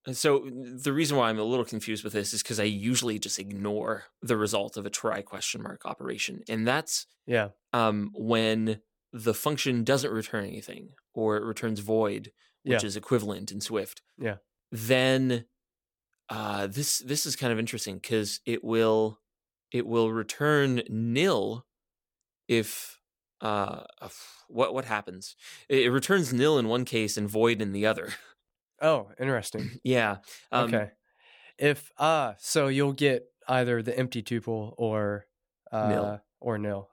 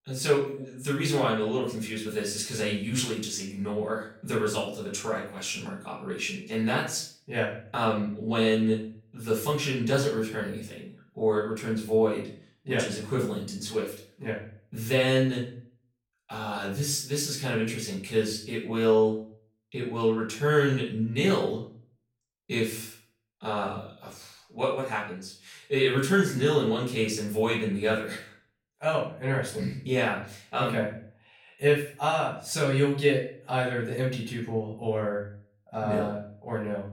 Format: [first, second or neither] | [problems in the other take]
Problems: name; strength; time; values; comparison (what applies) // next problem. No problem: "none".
first | room echo; slight; dies away in 0.4 s // off-mic speech; far